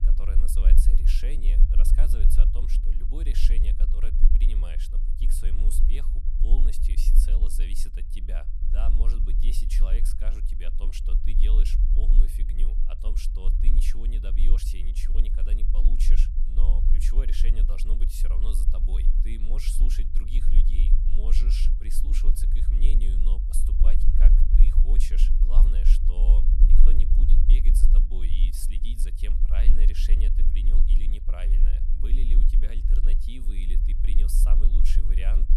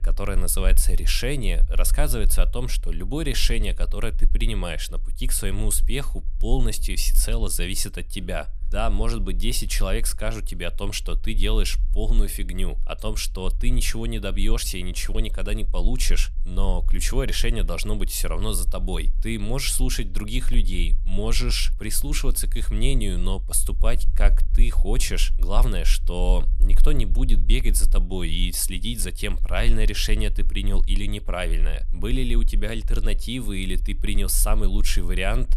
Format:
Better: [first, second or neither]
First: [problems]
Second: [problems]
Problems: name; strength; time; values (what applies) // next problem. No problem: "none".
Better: second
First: low rumble; loud; throughout; 4 dB below the speech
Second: low rumble; faint; throughout; 25 dB below the speech